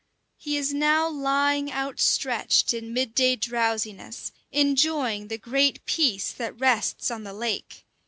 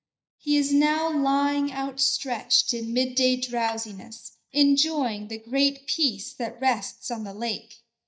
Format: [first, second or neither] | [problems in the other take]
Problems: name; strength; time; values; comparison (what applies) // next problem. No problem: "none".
first | noise reduction (neural mask model DeepFilterNet 3)